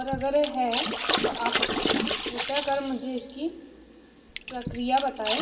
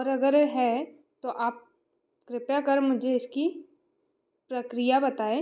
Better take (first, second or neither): second